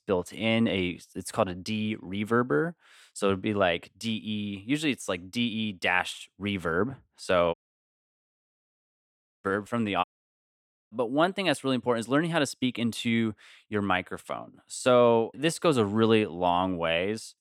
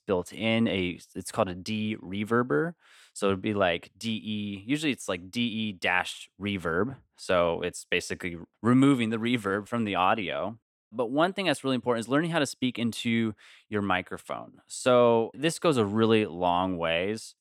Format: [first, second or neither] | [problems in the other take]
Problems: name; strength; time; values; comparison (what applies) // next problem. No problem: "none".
second | audio cutting out; at 7.5 s for 2 s and at 10 s for 1 s